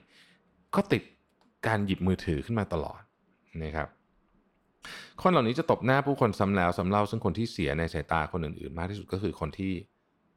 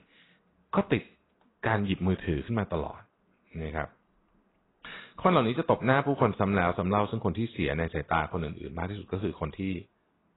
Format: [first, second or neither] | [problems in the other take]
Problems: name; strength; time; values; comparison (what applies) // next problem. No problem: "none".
first | garbled, watery; badly; nothing above 4 kHz